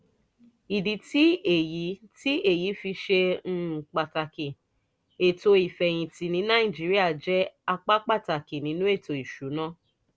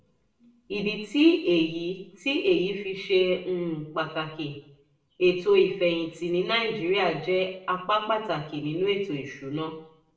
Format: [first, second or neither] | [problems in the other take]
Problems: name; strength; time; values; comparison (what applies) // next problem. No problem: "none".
first | room echo; dies away in 0.6 s